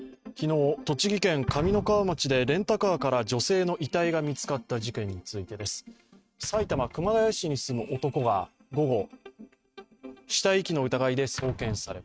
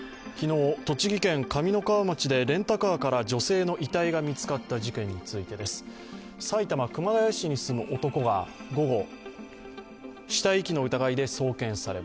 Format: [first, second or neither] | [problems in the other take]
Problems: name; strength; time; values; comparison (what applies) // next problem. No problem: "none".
second | noise reduction (neural mask model RNNoise)